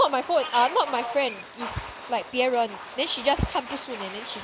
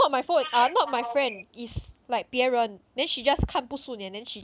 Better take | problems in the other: second | background sound (Domestic sounds, home sounds); 13 dB below the speech

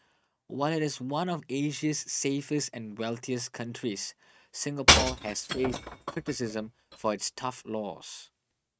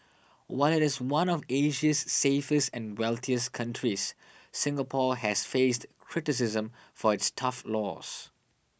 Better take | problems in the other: second | noise reduction (neural mask model RNNoise)

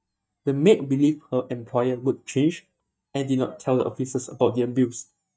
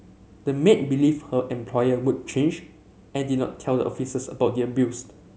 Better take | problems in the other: second | noise reduction (neural mask model DeepFilterNet 3)

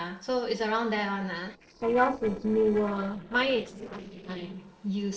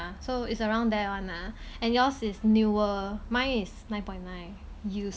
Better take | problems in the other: second | noise reduction (neural separator model SepFormer DNS4)

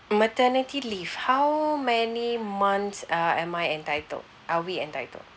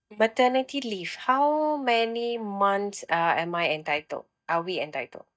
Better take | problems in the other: first | noise reduction (neural mask model DeepFilterNet 3)

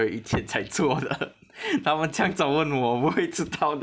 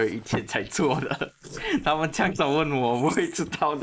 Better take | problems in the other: first | noise reduction (neural mask model Resemble Enhance denoiser)

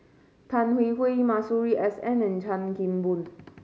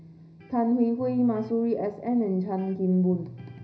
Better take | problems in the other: first | background sound (Electric guitar); 20 dB below the speech // room echo; dies away in 0.4 s

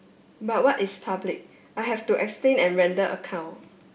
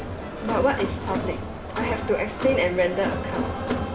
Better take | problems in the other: first | background sound (Crowd); 2 dB below the speech

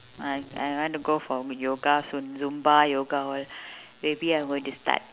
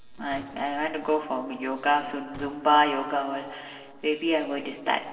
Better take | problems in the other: first | noise reduction (neural separator model SepFormer DNS4)

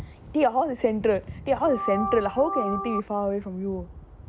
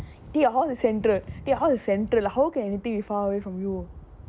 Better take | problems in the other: second | background sound (Organ); 4 dB below the speech

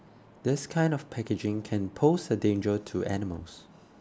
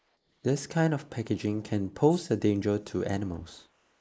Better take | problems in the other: first | noise reduction (neural mask model Resemble Enhance denoiser)

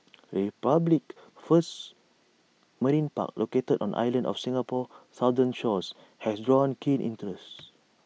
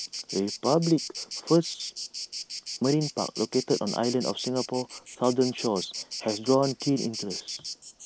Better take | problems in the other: first | noise reduction (neural mask model Resemble Enhance denoiser)

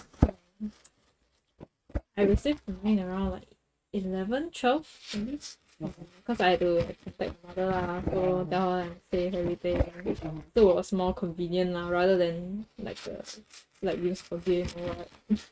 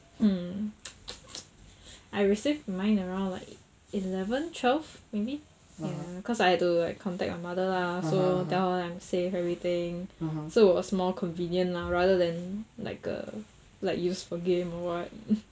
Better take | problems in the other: second | noise reduction (neural mask model RNNoise)

